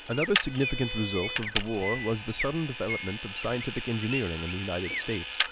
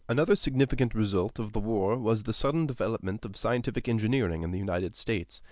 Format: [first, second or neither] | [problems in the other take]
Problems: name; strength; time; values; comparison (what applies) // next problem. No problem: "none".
second | background sound (Vehicle + Chirp, tweet); 3 dB below the speech